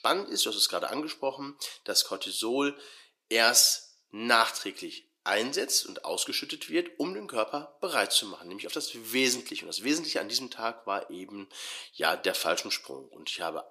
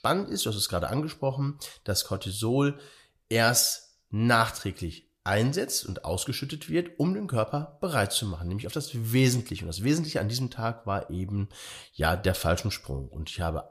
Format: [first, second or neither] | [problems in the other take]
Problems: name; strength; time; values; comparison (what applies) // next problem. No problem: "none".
second | thin; somewhat; fading below 300 Hz